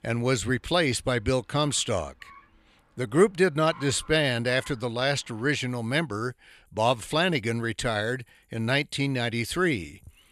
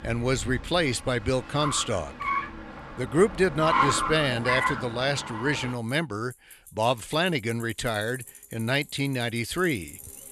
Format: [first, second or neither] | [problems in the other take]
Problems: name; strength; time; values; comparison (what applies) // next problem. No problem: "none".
first | traffic noise; loud; throughout; 4 dB below the speech; faint in the first